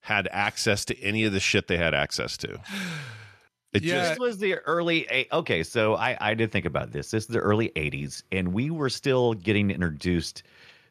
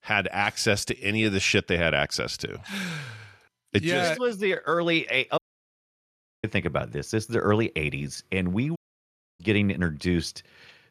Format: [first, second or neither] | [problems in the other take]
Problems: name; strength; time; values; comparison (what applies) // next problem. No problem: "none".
first | audio cutting out; at 5.5 s for 1 s and at 9 s for 0.5 s